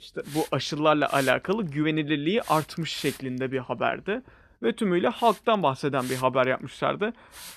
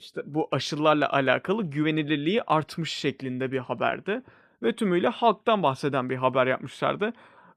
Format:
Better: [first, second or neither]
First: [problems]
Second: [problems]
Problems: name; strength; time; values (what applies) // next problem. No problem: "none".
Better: second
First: hiss; noticeable; throughout; 15 dB below the speech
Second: none